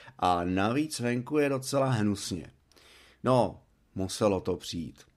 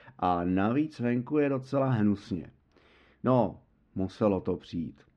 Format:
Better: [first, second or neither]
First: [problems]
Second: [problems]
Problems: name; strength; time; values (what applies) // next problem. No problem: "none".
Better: first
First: none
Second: muffled; slightly; fading above 2.5 kHz